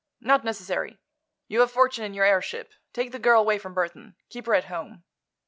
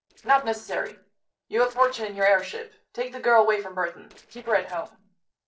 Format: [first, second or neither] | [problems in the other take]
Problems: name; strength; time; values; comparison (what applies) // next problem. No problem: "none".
first | noise reduction (neural separator model SepFormer DNS4)